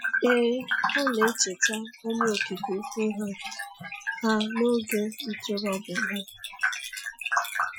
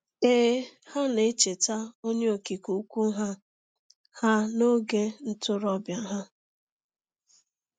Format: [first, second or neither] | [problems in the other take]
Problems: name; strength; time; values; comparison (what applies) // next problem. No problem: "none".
second | noise reduction (classical method Wiener filter)